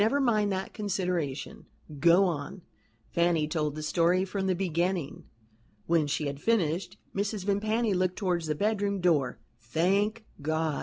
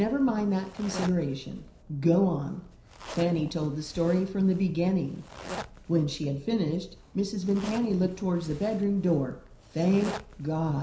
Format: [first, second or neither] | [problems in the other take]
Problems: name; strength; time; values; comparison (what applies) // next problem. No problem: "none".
first | background sound (Zipper (clothing)); 16 dB below the speech // room echo; dies away in 0.5 s